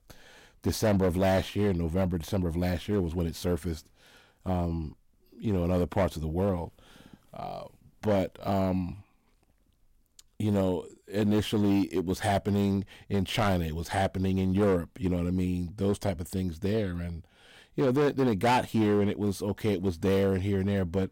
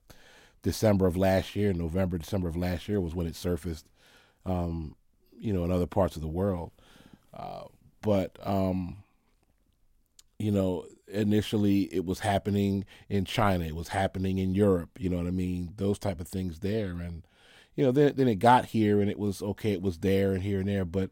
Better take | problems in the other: second | distortion; slight; 6% of the sound clipped

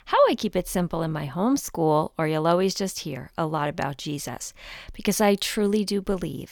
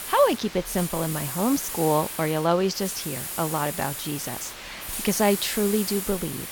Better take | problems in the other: first | hiss; loud; throughout; 6 dB below the speech

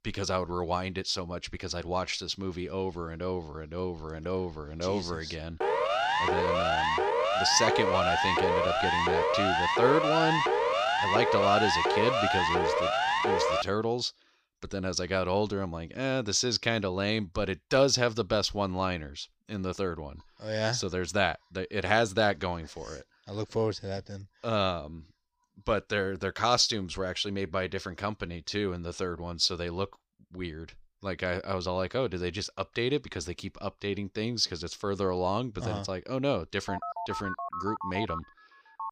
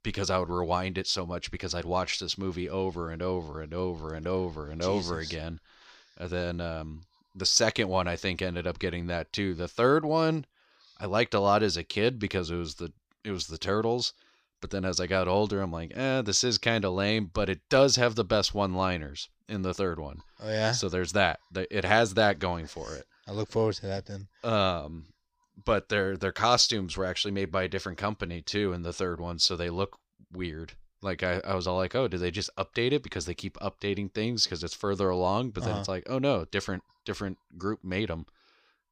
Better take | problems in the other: second | siren; loud; from 5.5 to 14 s; peak 5 dB above the speech // phone ringing; noticeable; from 37 s on; peak 5 dB below the speech

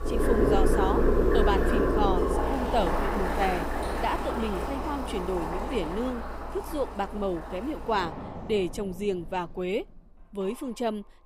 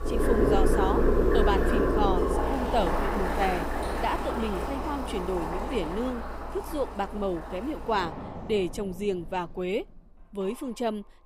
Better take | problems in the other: neither | household noises; very loud; throughout; 3 dB above the speech; the same in both

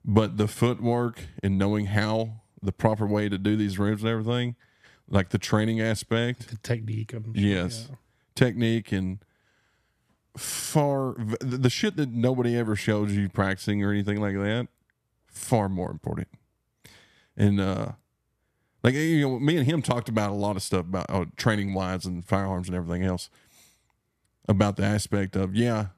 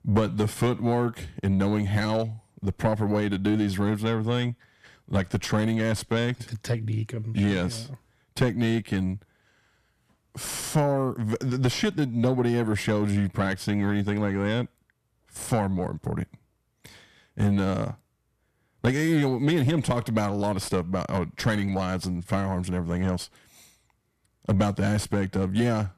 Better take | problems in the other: first | distortion; slight; 9 dB below the speech

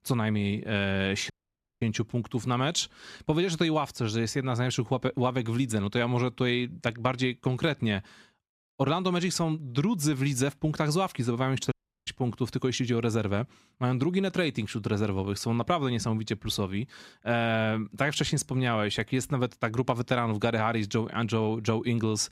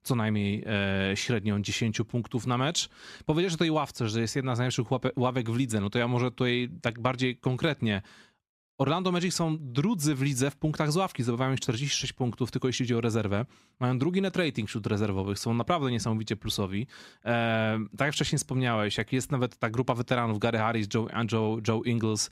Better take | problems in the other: second | audio cutting out; at 1.5 s for 0.5 s and at 12 s

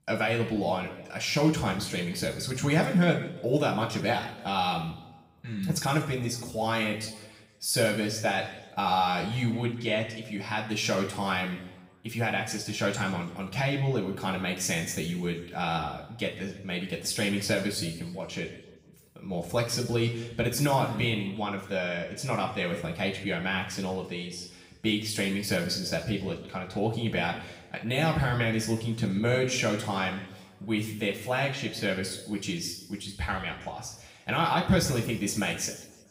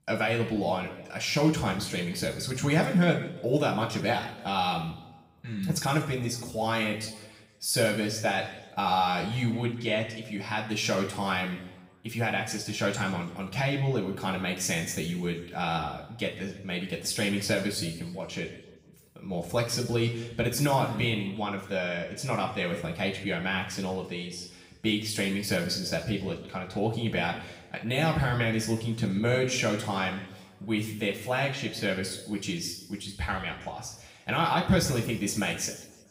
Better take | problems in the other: neither | room echo; noticeable; dies away in 0.9 s; the same in both // off-mic speech; far; the same in both

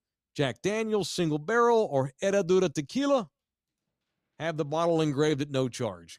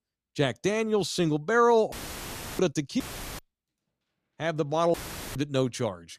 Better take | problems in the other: first | audio cutting out; filled with static; at 2 s for 0.5 s, at 3 s and at 5 s

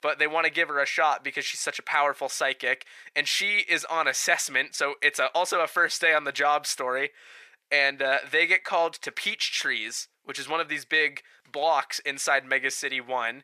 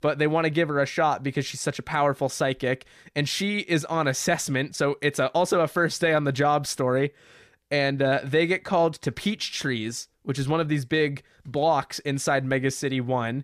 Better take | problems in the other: second | thin; very; fading below 700 Hz

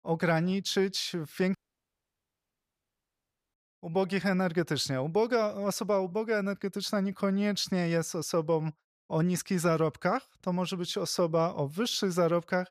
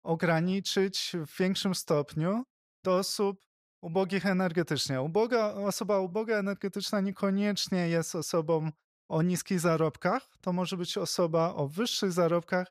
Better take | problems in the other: second | audio cutting out; at 1.5 s for 2 s

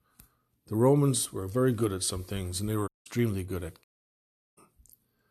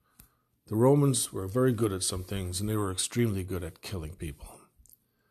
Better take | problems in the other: second | audio cutting out; at 3 s and at 4 s for 0.5 s

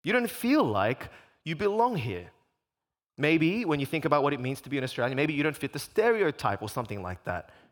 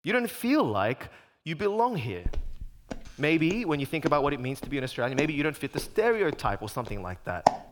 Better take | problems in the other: first | footsteps; loud; from 2.5 s on; peak 2 dB above the speech

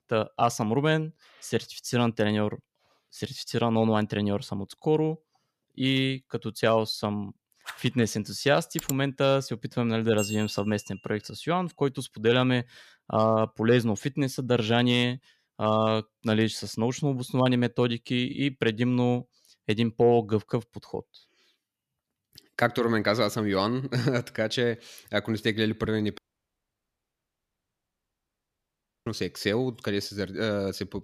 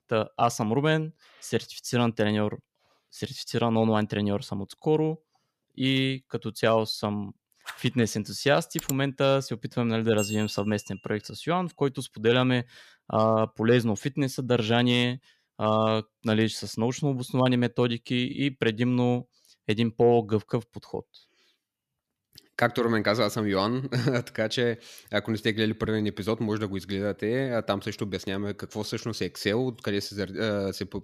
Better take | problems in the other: second | audio cutting out; at 26 s for 3 s

